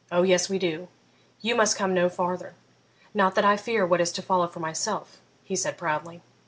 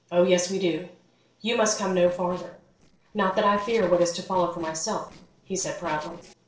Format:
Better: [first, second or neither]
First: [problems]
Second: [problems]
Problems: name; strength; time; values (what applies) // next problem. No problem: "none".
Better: first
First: none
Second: noise reduction (neural separator model SepFormer DNS4)